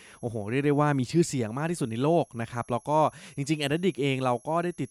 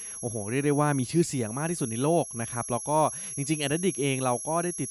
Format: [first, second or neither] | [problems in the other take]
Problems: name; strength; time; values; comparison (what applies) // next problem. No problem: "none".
first | high-pitched whine; loud; throughout; 11 kHz, 7 dB below the speech; faint in the first